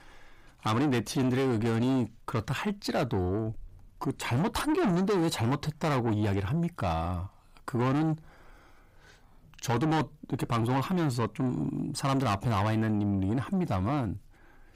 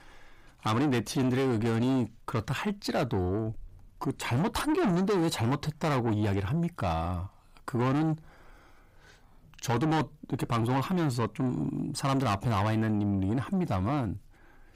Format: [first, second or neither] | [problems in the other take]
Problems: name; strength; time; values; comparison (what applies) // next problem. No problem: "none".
neither | distortion; heavy; 7 dB below the speech; the same in both